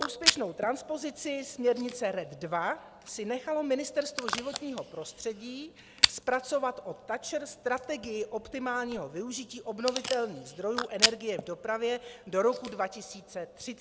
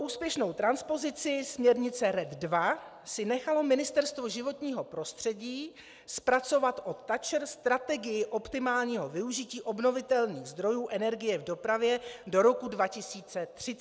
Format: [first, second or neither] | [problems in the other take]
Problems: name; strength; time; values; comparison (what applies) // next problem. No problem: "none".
second | background sound (Packing tape, duct tape / Tearing); 3 dB below the speech